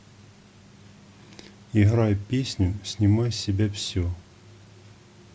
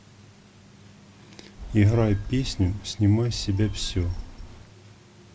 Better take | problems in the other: first | background sound (Telephone); 10 dB below the speech

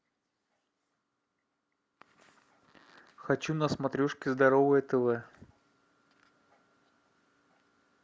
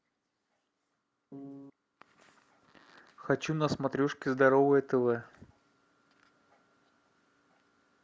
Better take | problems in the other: first | background sound (Piano); 12 dB below the speech

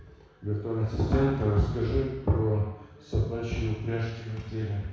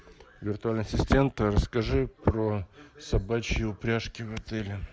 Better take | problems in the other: second | room echo; dies away in 1.1 s

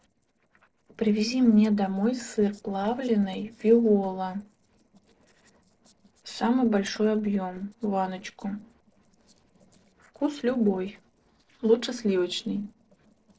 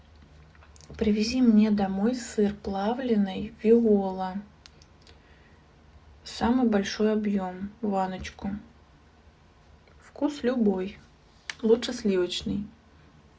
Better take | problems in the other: second | noise reduction (neural separator model SepFormer DNS4)

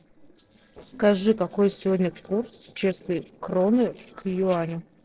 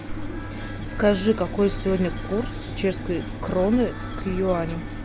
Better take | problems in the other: second | noise reduction (neural separator model SepFormer DNS4)

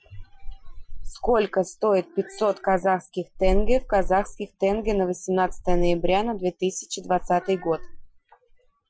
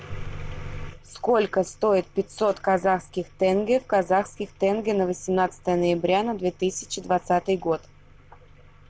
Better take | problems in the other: second | noise reduction (classical method Wiener filter)

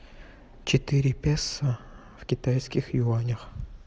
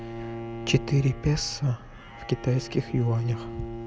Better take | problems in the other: first | background sound (Bowed string instrument); 11 dB below the speech

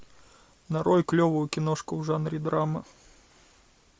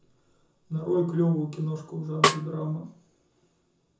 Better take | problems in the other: first | background sound (Snare drum); 2 dB above the speech // room echo; dies away in 0.5 s

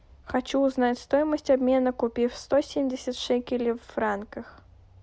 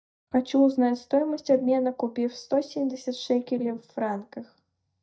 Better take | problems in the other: first | noise reduction (neural mask model DeepFilterNet 3)

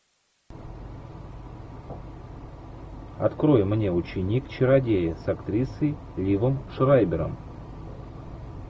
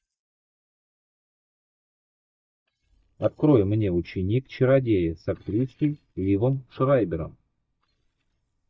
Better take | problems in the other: first | noise reduction (neural mask model DeepFilterNet 3)

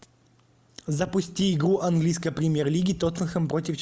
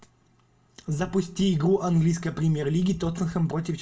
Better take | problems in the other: first | room echo; dies away in 0.2 s

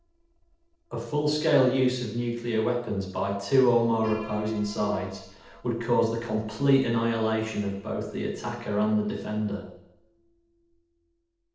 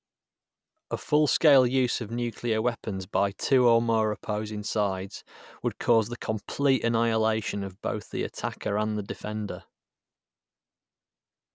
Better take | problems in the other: second | noise reduction (neural separator model SepFormer DNS4)

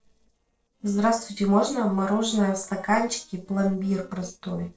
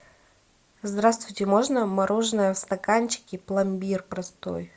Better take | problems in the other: second | noise reduction (neural separator model SepFormer DNS4)

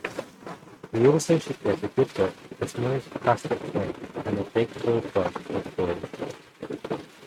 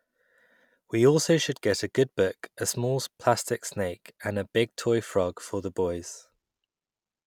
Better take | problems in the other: second | noise reduction (neural mask model RNNoise)

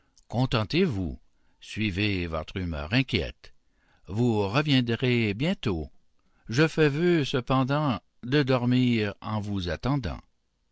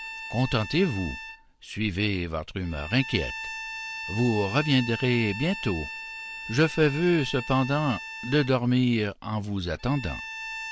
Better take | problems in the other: first | background sound (Bowed string instrument); 12 dB below the speech

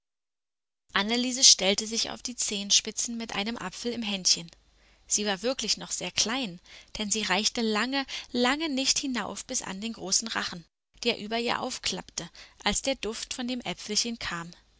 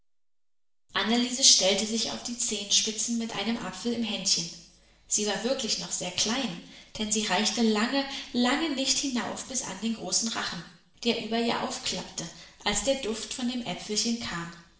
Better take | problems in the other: first | room echo; dies away in 0.7 s

